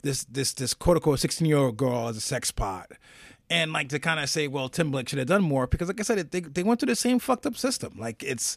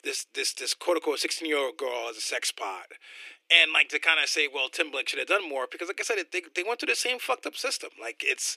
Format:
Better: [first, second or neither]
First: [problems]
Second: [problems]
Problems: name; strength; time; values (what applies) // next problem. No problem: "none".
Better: first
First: none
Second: thin; very; fading below 300 Hz